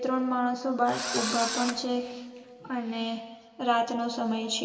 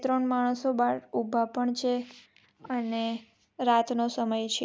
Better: second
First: background sound (Engine / Drill); 5 dB below the speech // room echo; dies away in 2.6 s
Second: none

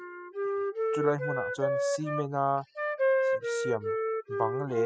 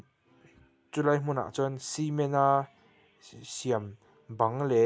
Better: second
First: noise reduction (classical method spectral subtraction)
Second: none

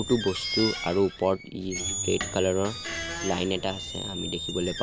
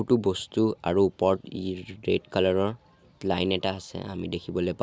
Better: second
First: background sound (Squeak); 6 dB below the speech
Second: none

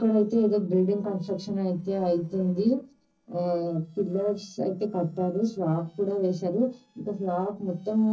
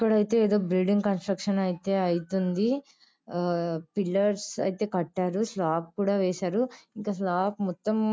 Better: second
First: noise reduction (neural separator model SepFormer DNS4)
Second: none

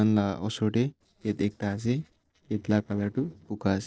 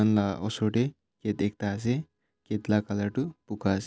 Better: second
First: noise reduction (neural separator model SepFormer DNS4)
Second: none

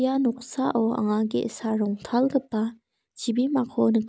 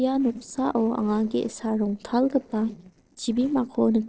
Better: first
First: none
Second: noise reduction (neural separator model SepFormer DNS4)

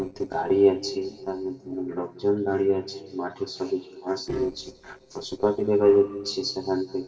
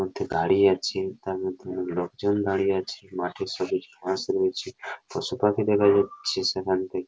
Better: second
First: noise reduction (neural separator model SepFormer DNS4)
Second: none

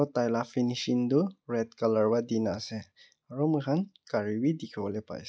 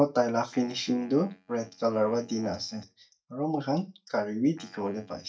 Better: first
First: none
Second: noise reduction (neural mask model DeepFilterNet 3)

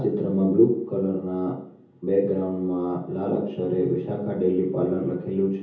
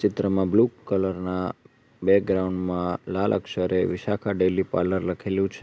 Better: second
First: room echo; dies away in 0.7 s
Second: none

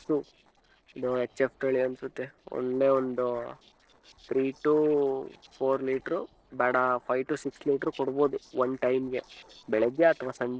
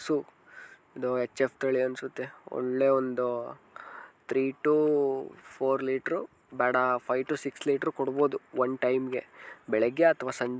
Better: second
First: noise reduction (neural separator model SepFormer DNS4)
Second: none

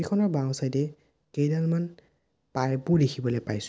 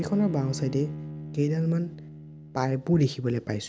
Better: first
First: none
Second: background sound (Bowed string instrument); 12 dB below the speech

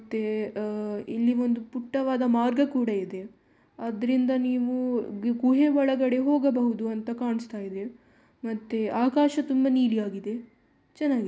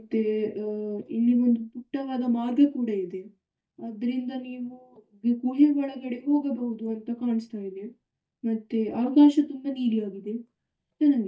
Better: first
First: none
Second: noise reduction (neural mask model DeepFilterNet 3)

